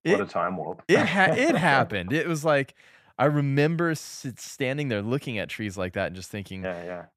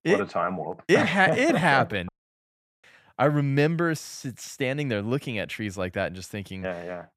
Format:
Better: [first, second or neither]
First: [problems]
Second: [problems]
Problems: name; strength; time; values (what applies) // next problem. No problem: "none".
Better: first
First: none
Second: audio cutting out; at 2 s for 1 s